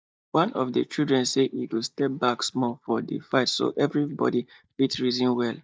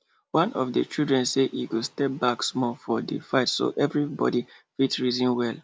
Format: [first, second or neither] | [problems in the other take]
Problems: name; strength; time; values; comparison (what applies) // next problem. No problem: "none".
second | noise reduction (neural mask model DeepFilterNet 3)